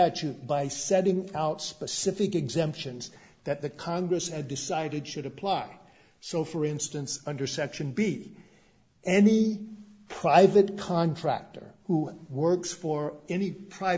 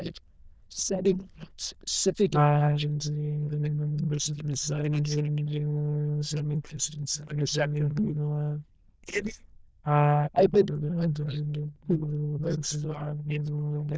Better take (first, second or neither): first